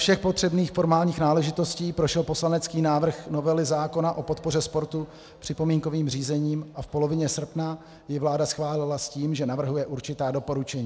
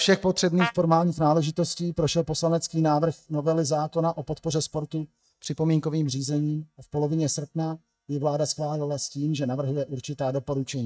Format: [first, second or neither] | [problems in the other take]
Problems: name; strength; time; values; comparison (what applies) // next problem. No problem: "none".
first | noise reduction (neural mask model DeepFilterNet 3)